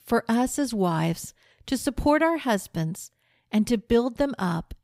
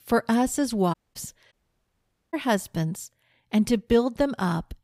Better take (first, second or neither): first